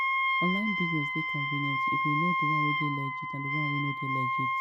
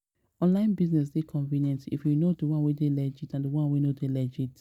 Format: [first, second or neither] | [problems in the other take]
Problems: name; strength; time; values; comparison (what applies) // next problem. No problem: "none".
second | background sound (Wind instrument, woodwind instrument); 4 dB above the speech